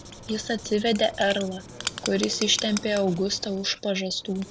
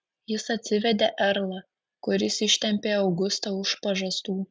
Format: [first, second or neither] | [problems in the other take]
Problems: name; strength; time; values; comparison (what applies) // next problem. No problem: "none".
second | background sound (Writing); 12 dB below the speech